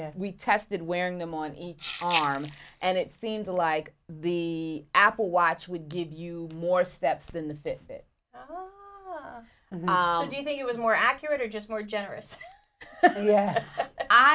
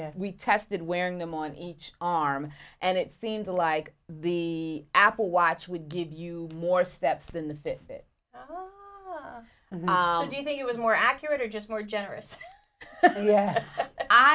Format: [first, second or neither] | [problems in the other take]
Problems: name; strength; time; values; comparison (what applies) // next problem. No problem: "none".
second | background sound (Rattle (instrument)); 11 dB below the speech